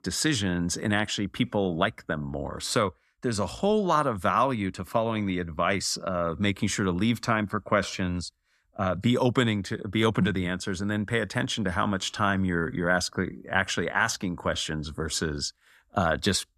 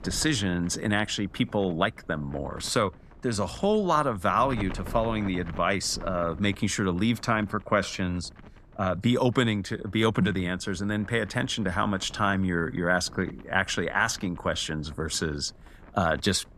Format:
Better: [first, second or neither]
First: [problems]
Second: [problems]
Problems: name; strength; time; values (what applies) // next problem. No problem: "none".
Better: first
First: none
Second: wind noise on the microphone; occasional gusts; 20 dB below the speech